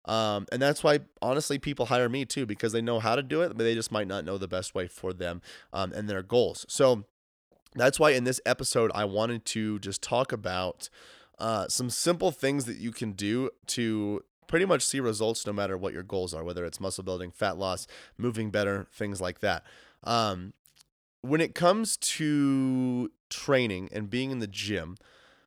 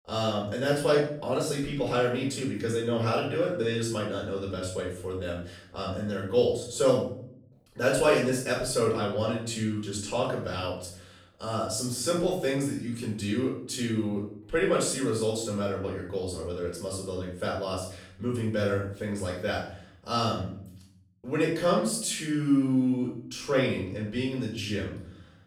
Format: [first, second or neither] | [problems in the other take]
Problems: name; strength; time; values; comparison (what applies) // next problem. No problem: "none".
first | off-mic speech; far // room echo; noticeable; dies away in 0.6 s